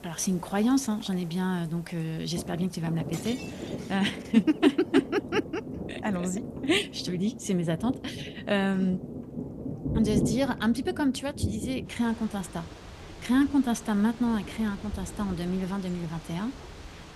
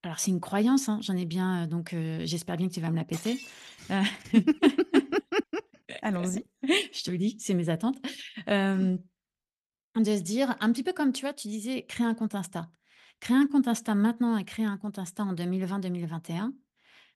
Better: second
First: rain or running water; loud; throughout; 10 dB below the speech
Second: none

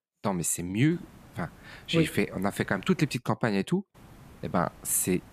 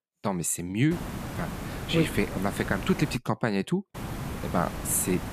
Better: first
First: hiss; faint; from 1 to 3 s and from 4 s on; 25 dB below the speech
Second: hiss; loud; from 1 to 3 s and from 4 s on; 8 dB below the speech

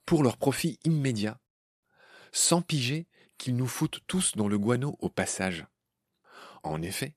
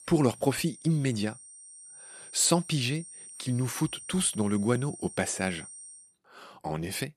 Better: first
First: none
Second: high-pitched whine; noticeable; until 6 s; 8.5 kHz, 15 dB below the speech

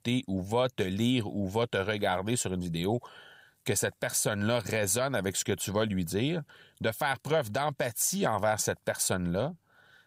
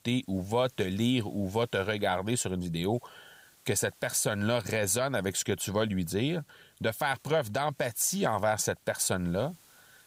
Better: first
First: none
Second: hiss; faint; throughout; 30 dB below the speech

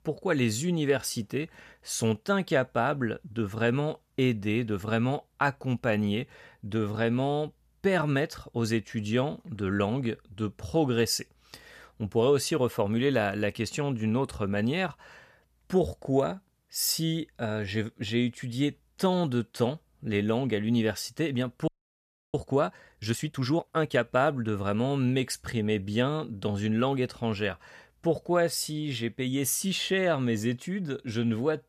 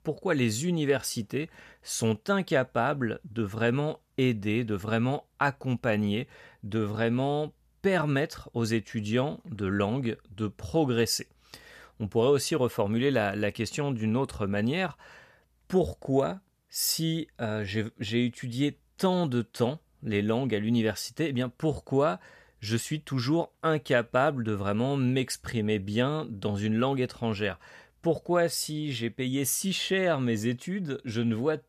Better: second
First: audio freezing; at 22 s for 0.5 s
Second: none

